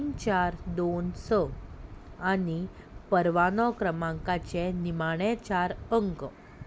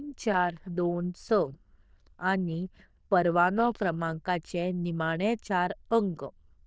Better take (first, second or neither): first